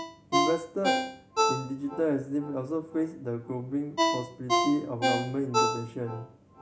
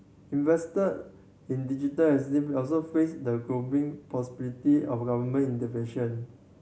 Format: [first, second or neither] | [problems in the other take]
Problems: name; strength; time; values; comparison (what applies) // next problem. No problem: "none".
second | background sound (Ringtone); 1 dB above the speech